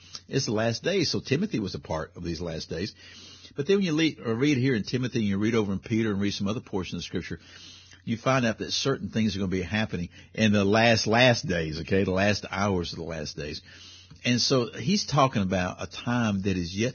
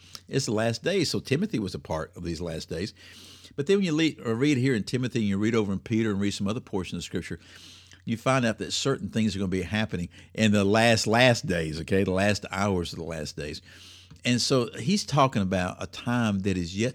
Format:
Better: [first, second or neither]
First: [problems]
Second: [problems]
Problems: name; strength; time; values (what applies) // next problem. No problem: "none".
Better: second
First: garbled, watery; badly; nothing above 6.5 kHz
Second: none